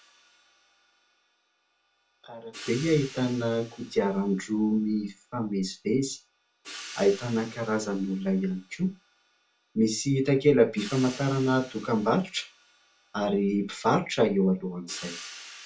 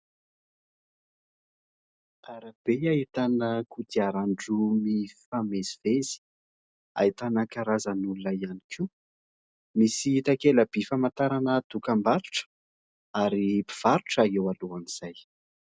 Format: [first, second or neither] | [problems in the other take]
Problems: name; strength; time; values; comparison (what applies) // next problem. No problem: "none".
second | background sound (Hi-hat); 20 dB below the speech // room echo; dies away in 0.2 s